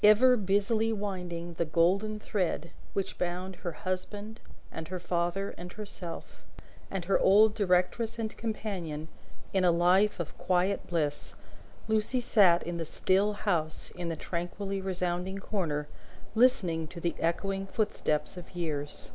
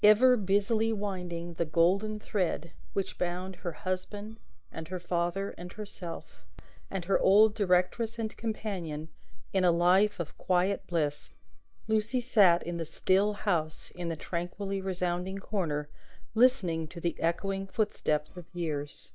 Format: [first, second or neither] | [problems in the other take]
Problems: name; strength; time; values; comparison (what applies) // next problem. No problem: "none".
first | noise reduction (neural mask model DeepFilterNet 3)